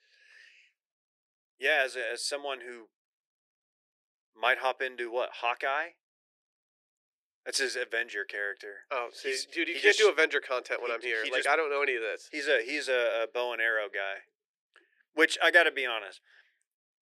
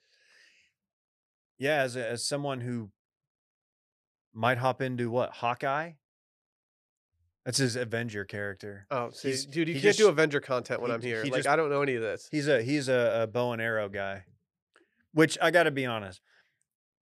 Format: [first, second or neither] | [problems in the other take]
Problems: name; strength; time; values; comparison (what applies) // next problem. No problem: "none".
second | thin; very; fading below 350 Hz